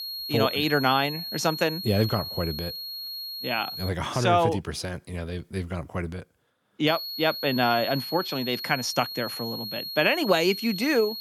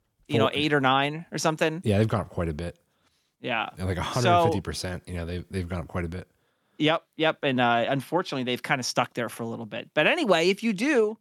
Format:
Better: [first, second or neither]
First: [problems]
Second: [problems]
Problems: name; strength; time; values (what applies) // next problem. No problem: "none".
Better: second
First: high-pitched whine; loud; until 4 s and from 7 s on; 4.5 kHz, 6 dB below the speech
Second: none